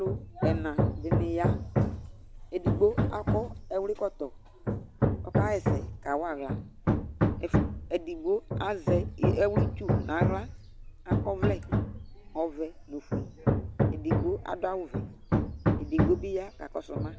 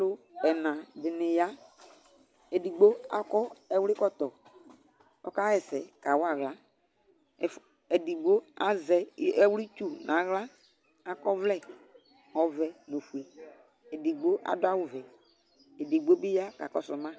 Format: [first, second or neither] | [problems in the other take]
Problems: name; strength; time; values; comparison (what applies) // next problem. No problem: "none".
second | background sound (Hammer); 4 dB above the speech